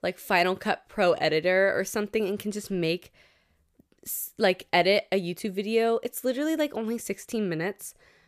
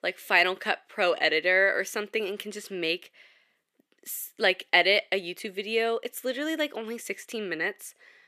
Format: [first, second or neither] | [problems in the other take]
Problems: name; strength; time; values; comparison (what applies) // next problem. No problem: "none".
first | thin; somewhat; fading below 250 Hz